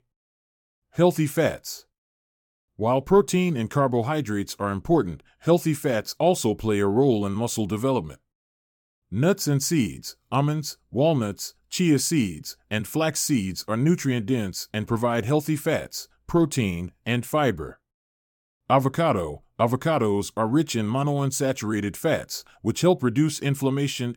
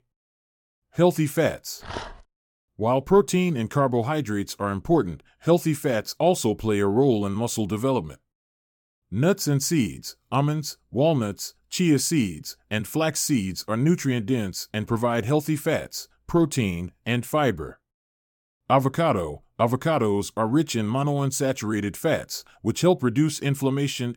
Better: first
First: none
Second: dog barking; faint; at 2 s; peak 10 dB below the speech

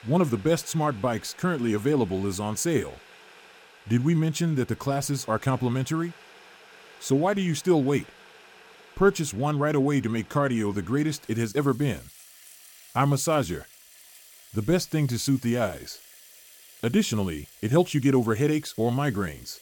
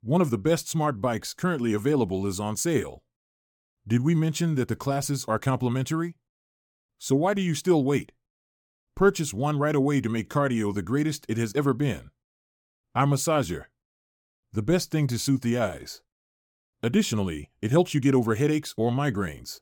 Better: second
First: household noises; faint; throughout; 25 dB below the speech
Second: none

